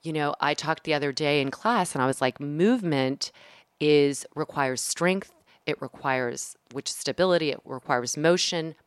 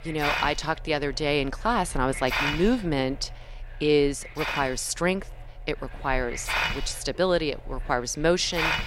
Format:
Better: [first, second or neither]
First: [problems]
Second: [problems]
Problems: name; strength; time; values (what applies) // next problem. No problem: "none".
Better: first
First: none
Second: hiss; loud; throughout; 5 dB below the speech